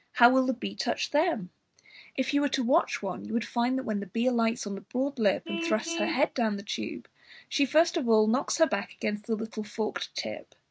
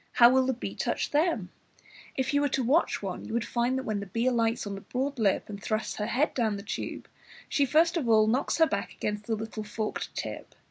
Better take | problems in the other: second | noise reduction (neural mask model RNNoise)

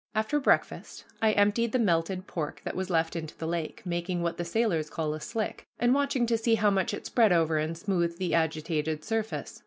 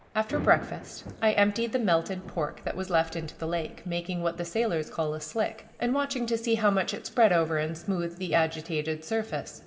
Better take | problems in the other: first | background sound (Thunder / Rain); 17 dB below the speech // room echo; dies away in 2.7 s

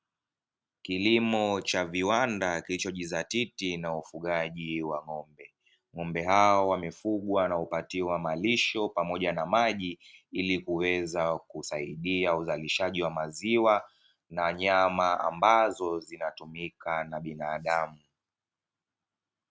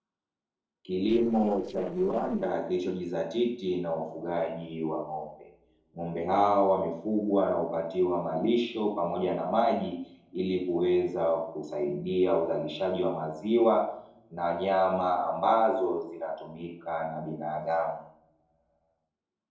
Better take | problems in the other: first | noise reduction (neural separator model SepFormer DNS4)

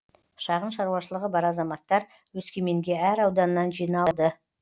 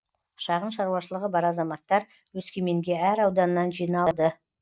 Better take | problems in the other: first | noise reduction (neural mask model Resemble Enhance denoiser)

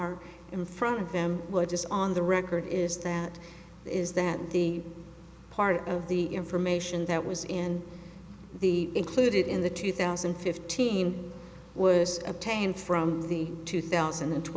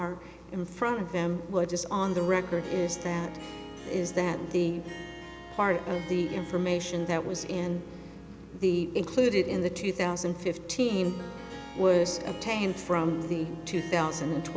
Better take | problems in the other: first | background sound (Harp); 16 dB below the speech

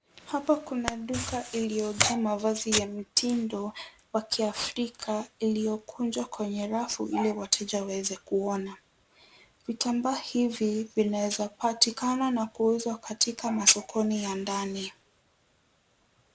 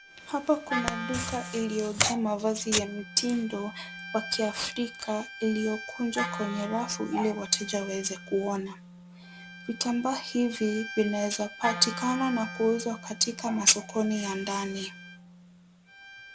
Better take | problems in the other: first | background sound (Wind instrument, woodwind instrument + Bowed string instrument); 10 dB below the speech

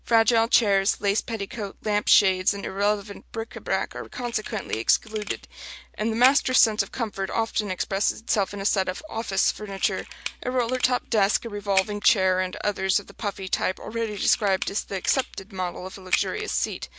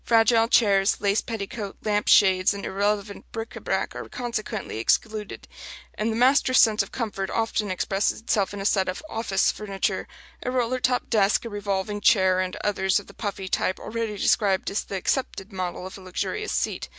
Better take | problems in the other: second | background sound (Camera); 11 dB below the speech

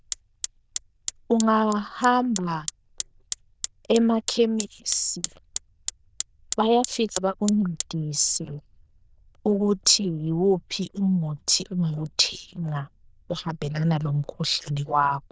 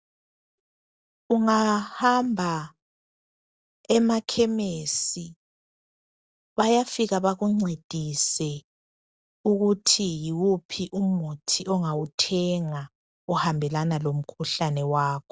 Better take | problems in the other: second | noise reduction (neural diffusion model UNIVERSE++)

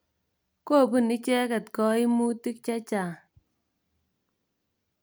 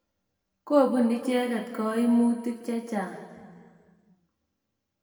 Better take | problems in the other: first | room echo; dies away in 1.6 s

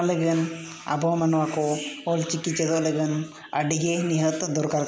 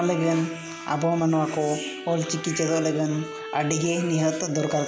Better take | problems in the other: first | background sound (Bowed string instrument); 13 dB below the speech

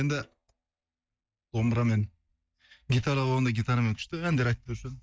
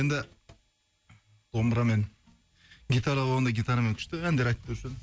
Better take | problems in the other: second | noise reduction (neural mask model DeepFilterNet 3)

